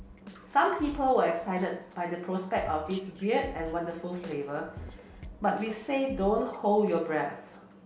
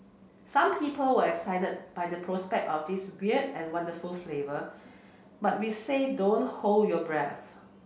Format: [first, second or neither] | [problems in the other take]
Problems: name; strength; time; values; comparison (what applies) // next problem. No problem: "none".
second | background sound (Drum kit); 17 dB below the speech // room echo; dies away in 0.6 s